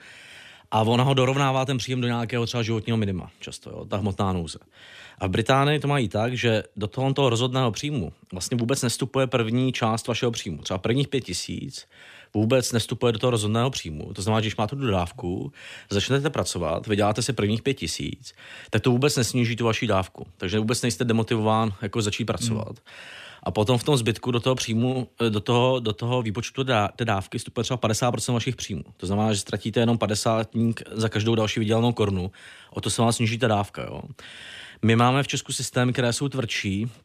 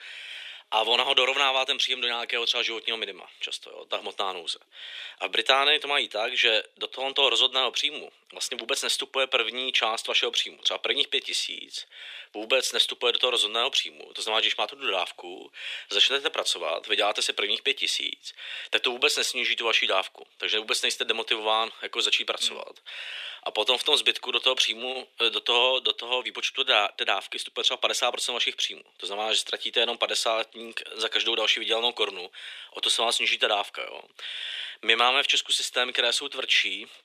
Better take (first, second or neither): first